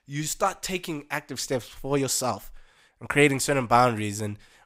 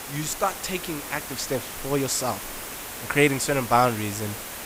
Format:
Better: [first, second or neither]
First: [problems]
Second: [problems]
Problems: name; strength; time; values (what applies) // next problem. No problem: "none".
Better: first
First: none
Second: hiss; loud; throughout; 8 dB below the speech